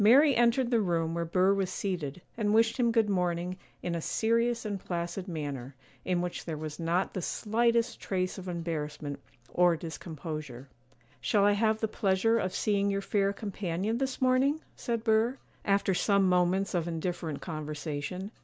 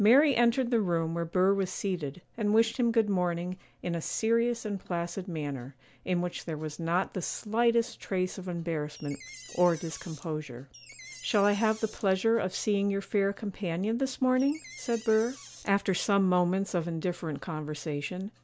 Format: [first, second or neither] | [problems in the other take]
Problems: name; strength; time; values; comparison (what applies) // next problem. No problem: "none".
first | background sound (Door); 19 dB below the speech